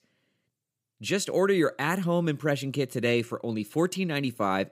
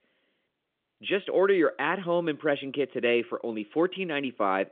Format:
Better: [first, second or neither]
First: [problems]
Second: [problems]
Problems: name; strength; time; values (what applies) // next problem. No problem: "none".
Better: first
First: none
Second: phone-call audio; nothing above 3.5 kHz